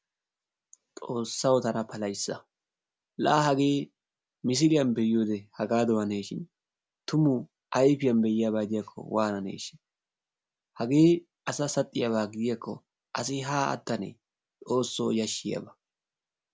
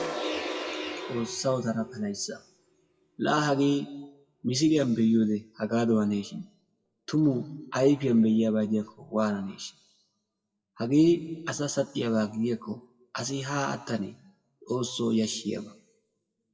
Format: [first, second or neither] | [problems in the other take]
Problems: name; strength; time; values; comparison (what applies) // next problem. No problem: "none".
first | noise reduction (classical method WPE with log-MMSE)